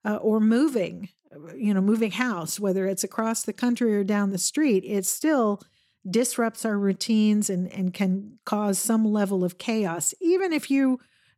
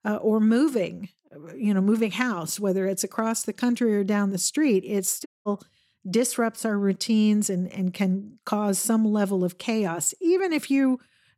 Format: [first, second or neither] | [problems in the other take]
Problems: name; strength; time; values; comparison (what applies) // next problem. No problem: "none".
first | audio cutting out; at 5.5 s